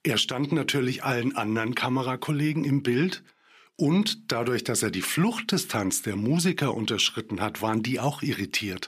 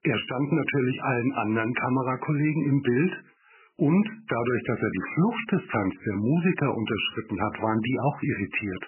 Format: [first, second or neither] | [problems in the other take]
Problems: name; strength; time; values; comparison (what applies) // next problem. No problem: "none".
first | garbled, watery; badly; nothing above 3 kHz